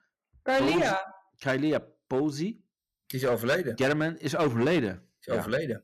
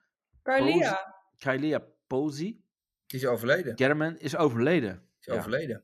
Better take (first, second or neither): second